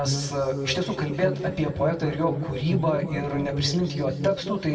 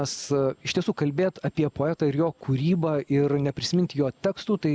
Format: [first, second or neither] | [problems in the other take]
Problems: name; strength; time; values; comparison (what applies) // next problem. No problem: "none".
second | room echo; dies away in 2.2 s